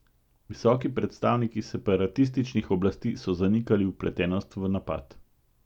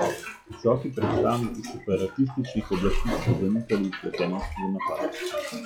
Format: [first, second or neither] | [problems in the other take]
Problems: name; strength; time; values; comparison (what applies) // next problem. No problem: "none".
first | noise reduction (classical method log-MMSE)